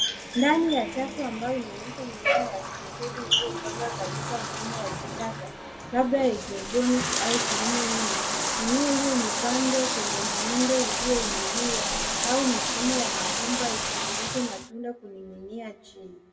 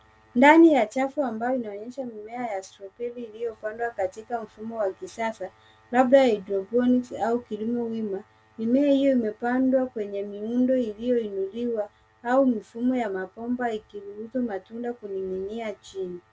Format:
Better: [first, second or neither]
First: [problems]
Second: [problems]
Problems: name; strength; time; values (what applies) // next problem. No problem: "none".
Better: second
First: background sound (Bathtub (filling or washing)); as loud as the speech // room echo; dies away in 0.9 s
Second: none